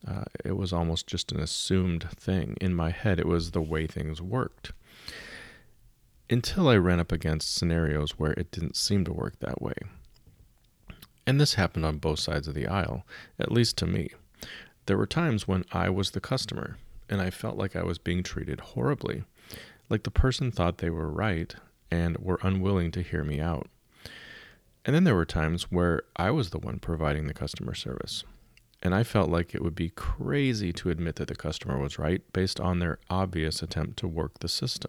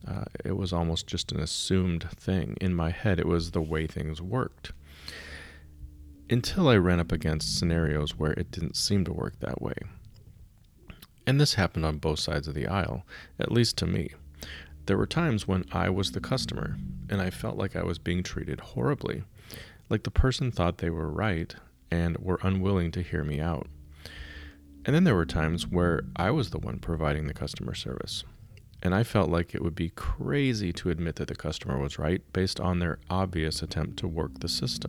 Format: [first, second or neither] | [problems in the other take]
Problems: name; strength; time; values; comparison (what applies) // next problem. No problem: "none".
first | low rumble; faint; throughout; 25 dB below the speech